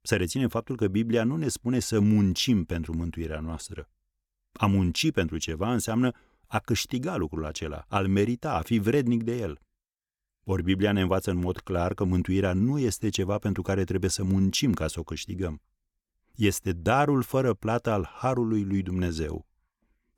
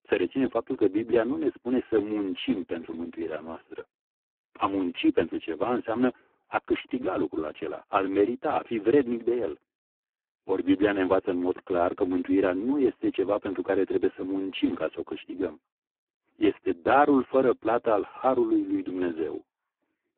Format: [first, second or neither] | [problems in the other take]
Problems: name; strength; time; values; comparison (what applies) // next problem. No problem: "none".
first | phone-call audio; poor line